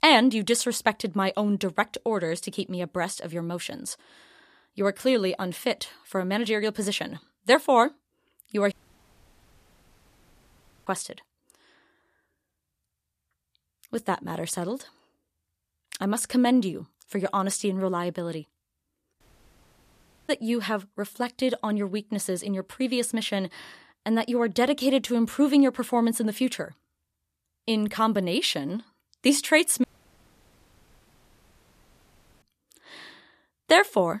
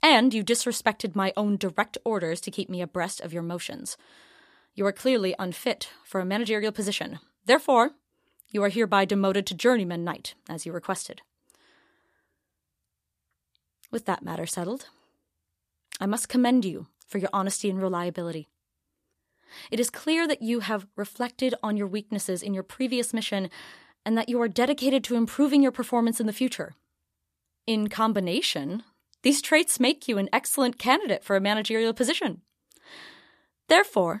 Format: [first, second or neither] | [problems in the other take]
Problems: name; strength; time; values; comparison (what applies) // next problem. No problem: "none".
second | audio cutting out; at 8.5 s for 2 s, at 19 s for 1 s and at 30 s for 2.5 s